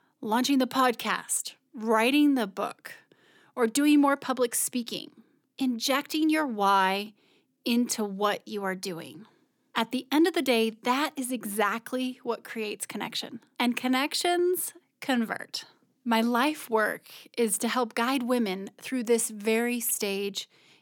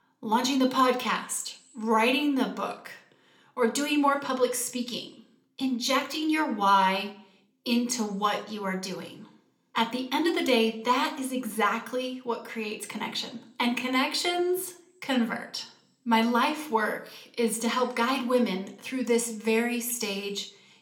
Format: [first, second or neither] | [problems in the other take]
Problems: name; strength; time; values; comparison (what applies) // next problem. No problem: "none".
first | room echo; very slight; dies away in 0.4 s